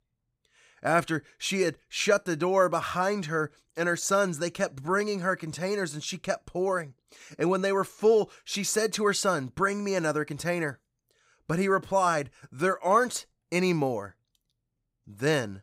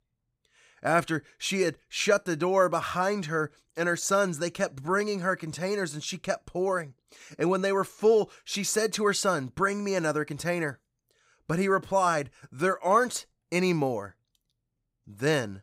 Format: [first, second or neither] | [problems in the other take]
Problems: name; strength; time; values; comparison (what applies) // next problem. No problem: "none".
neither | none